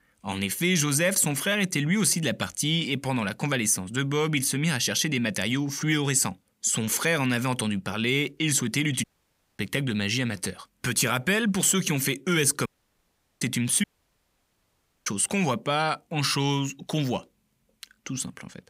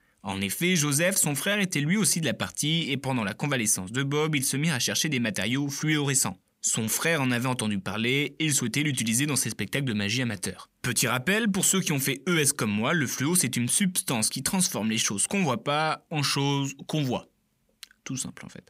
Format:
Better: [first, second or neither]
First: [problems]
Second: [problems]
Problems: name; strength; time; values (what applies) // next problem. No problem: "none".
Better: second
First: audio cutting out; at 9 s for 0.5 s, at 13 s for 1 s and at 14 s for 1 s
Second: none